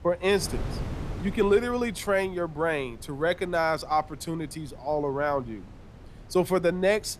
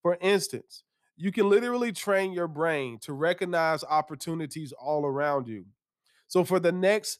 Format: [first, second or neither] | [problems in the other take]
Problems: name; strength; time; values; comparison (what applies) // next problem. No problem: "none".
second | wind noise on the microphone; occasional gusts; 20 dB below the speech